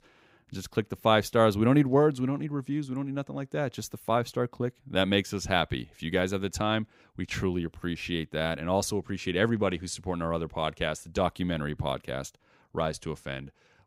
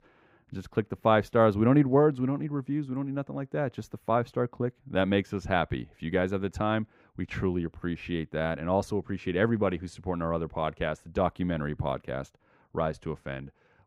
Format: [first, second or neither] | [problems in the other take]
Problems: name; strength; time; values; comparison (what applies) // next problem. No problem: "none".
first | muffled; slightly; fading above 3 kHz